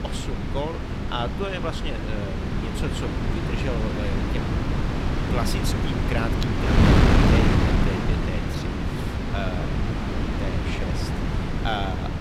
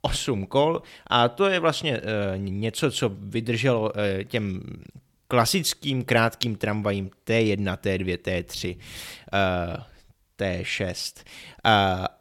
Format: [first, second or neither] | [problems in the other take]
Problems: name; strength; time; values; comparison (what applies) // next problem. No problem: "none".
second | wind noise on the microphone; heavy; 3 dB above the speech